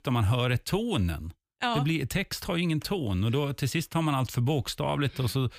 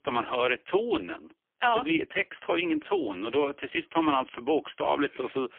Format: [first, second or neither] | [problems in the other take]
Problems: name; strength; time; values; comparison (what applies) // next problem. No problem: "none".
first | phone-call audio; poor line; nothing above 3.5 kHz